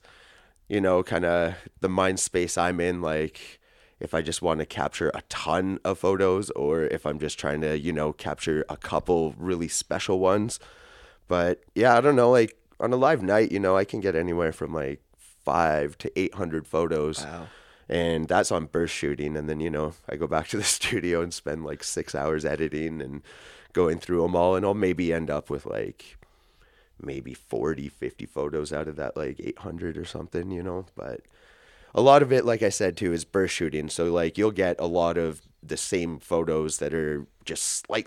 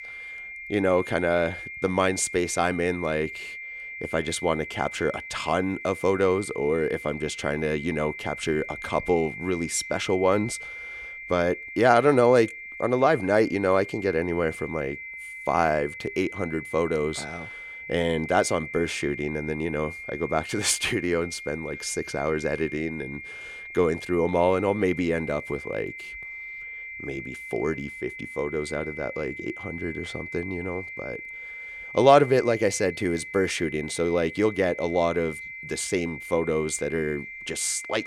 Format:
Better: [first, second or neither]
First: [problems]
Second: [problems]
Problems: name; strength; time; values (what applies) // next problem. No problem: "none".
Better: first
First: none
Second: high-pitched whine; noticeable; throughout; 2 kHz, 10 dB below the speech